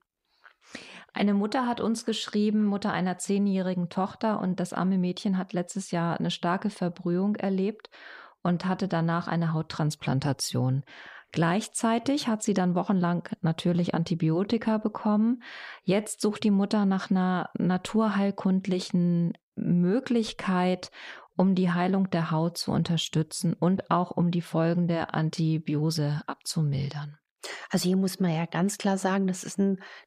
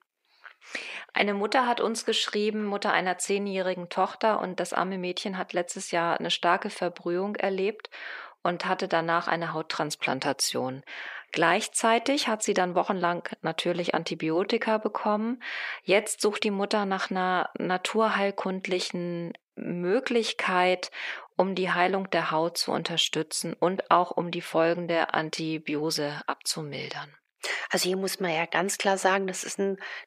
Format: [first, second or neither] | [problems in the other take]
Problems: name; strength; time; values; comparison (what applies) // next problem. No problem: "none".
first | thin; somewhat; fading below 450 Hz